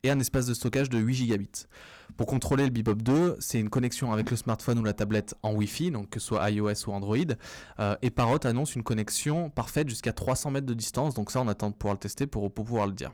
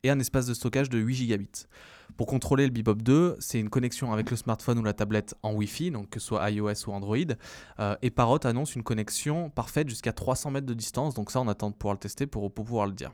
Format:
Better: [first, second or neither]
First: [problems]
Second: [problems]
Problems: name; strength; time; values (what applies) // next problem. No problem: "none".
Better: second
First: distortion; slight; 5% of the sound clipped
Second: none